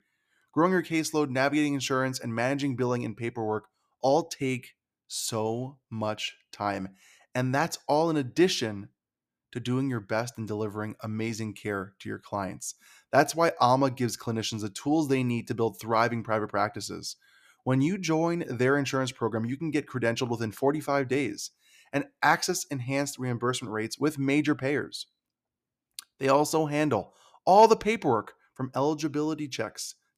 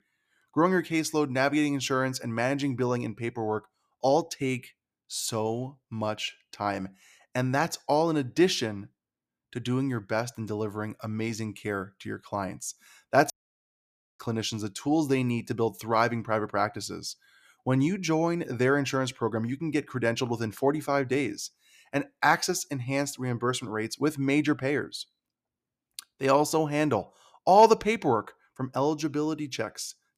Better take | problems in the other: first | audio cutting out; at 13 s for 1 s

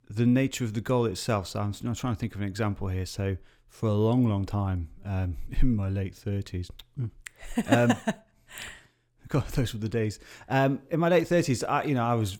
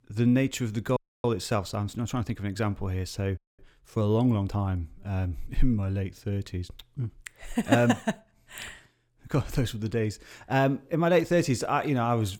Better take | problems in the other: first | audio freezing; at 1 s and at 3.5 s

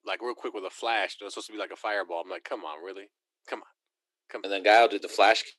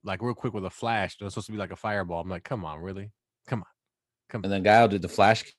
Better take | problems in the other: second | thin; very; fading below 300 Hz

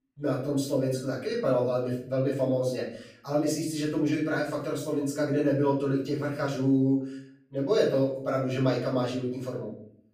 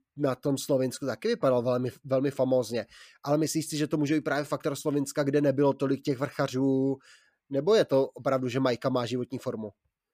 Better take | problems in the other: second | room echo; noticeable; dies away in 0.5 s // off-mic speech; far

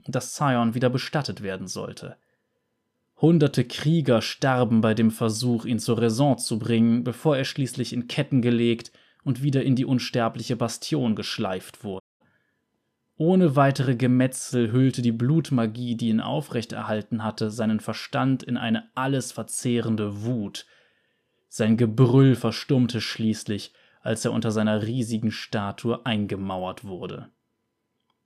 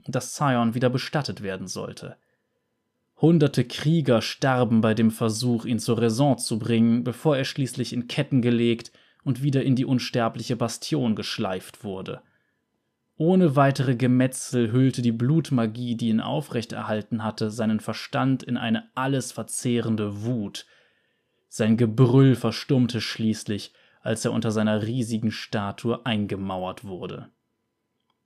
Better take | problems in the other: second | audio cutting out; at 12 s

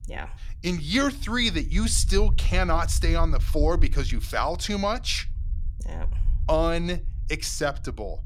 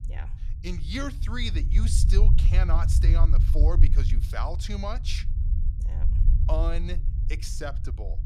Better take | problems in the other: first | low rumble; loud; throughout; 9 dB below the speech; faint in the first

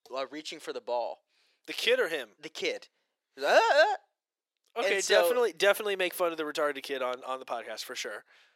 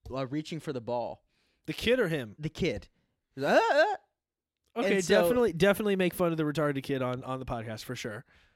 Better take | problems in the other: second | thin; very; fading below 450 Hz

